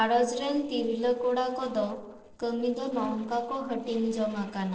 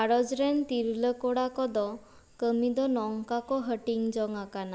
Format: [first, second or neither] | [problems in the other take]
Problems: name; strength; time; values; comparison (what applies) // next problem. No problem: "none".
second | noise reduction (neural separator model SepFormer DNS4)